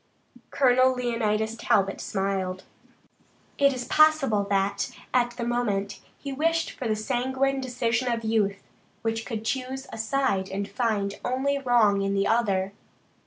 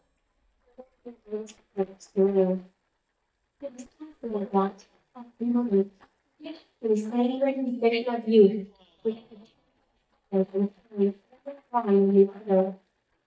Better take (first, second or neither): first